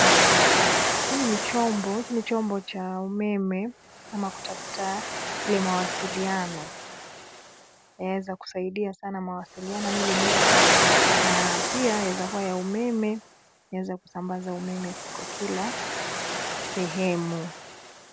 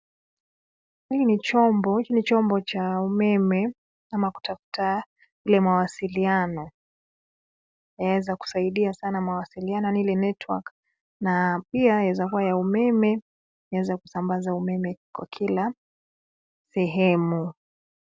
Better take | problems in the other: second | background sound (Waves, surf); 3 dB above the speech

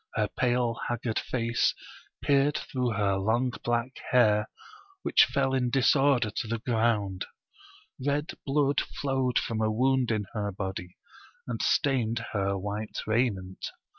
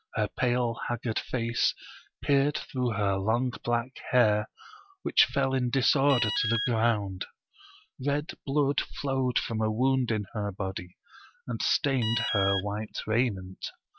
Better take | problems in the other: first | background sound (Alarm); 5 dB below the speech

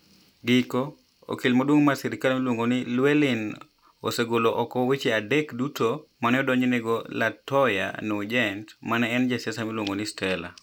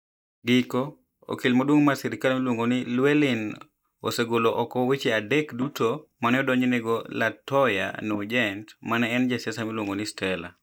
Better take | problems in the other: first | noise reduction (neural mask model DeepFilterNet 3)

